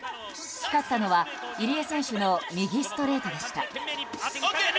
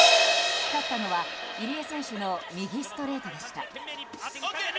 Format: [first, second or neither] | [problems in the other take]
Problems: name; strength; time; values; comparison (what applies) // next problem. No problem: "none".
first | background sound (Crash cymbal); 5 dB above the speech